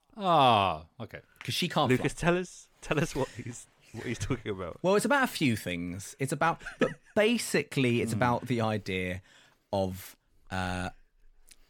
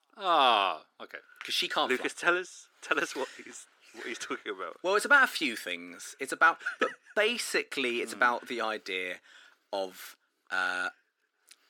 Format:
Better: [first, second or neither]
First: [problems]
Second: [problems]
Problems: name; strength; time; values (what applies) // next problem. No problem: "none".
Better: first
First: none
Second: thin; somewhat; fading below 300 Hz